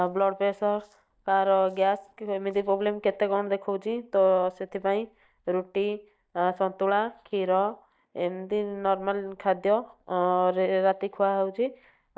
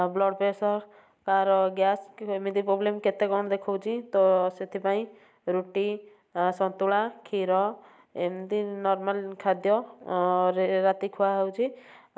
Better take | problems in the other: second | noise reduction (neural mask model DeepFilterNet 3)

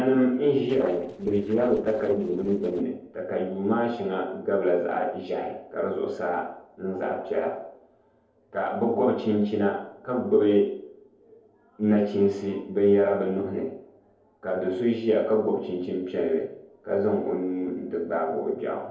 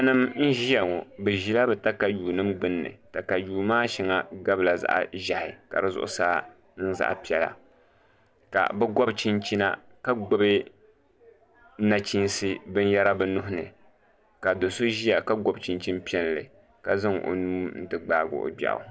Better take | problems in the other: second | noise reduction (neural separator model SepFormer DNS4)

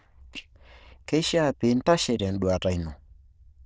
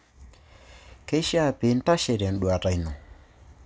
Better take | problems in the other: second | noise reduction (neural diffusion model UNIVERSE++)

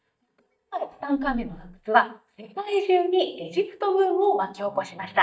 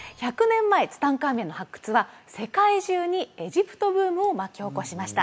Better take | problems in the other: second | noise reduction (neural mask model DeepFilterNet 3)

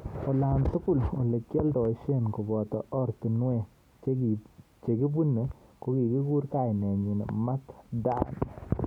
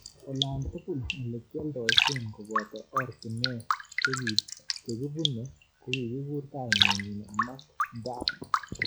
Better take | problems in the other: first | noise reduction (classical method log-MMSE)

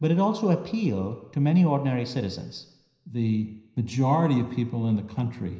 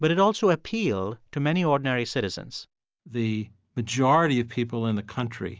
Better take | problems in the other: second | room echo; dies away in 0.9 s

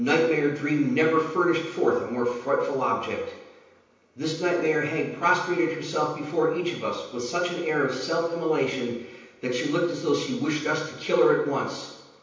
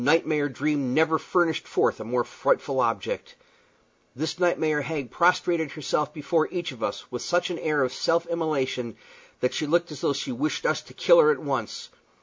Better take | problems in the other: second | room echo; dies away in 0.9 s

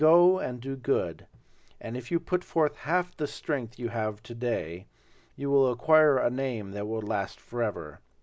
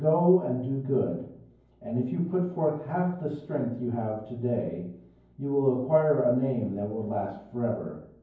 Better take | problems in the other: first | room echo; dies away in 0.9 s

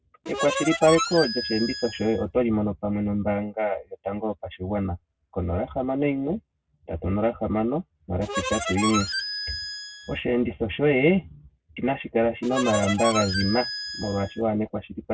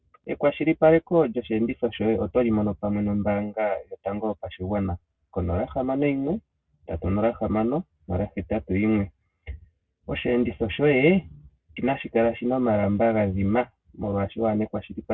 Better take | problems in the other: second | background sound (Harmonica); 5 dB below the speech

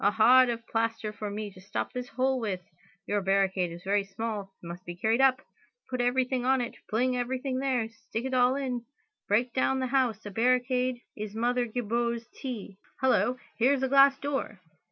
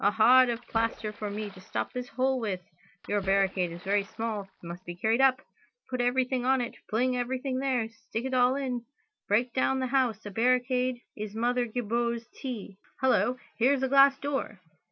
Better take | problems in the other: first | background sound (Splash, splatter); 20 dB below the speech

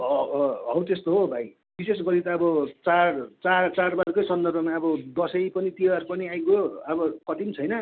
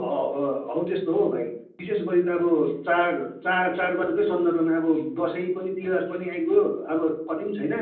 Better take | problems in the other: first | room echo; dies away in 0.6 s

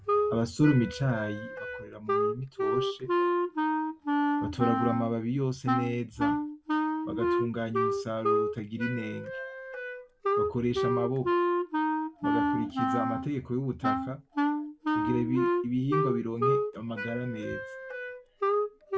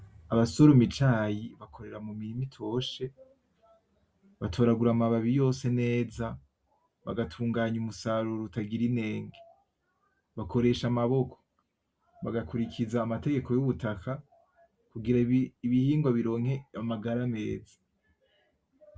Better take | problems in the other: second | background sound (Wind instrument, woodwind instrument); 3 dB above the speech

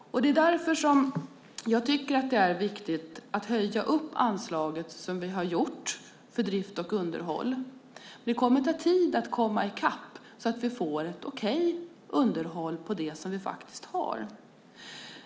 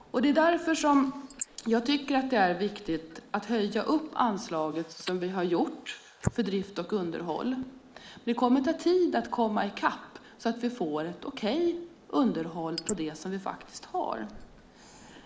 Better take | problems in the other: first | noise reduction (neural mask model Resemble Enhance denoiser)

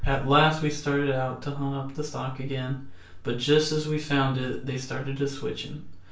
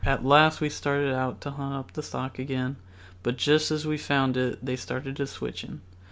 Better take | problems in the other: second | room echo; dies away in 0.3 s

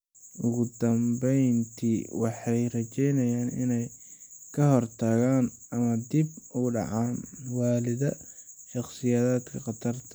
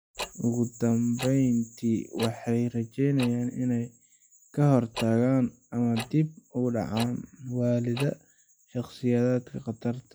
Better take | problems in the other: first | noise reduction (classical method log-MMSE)

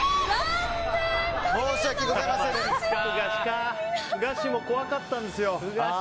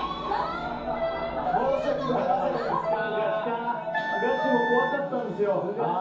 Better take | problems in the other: first | background sound (Wind instrument, woodwind instrument); 4 dB below the speech // room echo; dies away in 0.6 s

